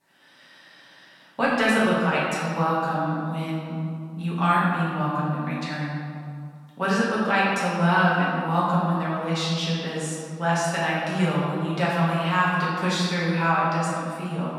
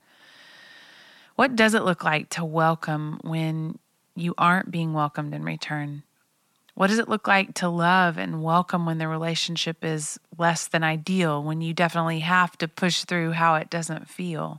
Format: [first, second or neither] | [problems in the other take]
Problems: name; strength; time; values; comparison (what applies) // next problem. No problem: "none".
second | room echo; strong; dies away in 1.9 s // off-mic speech; far